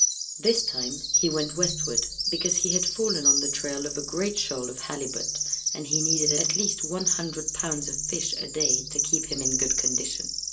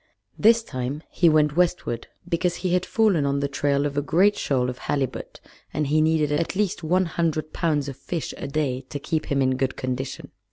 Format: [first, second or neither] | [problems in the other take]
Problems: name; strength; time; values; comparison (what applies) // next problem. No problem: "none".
second | background sound (Bird vocalization, bird call, bird song); 4 dB above the speech // room echo; dies away in 0.2 s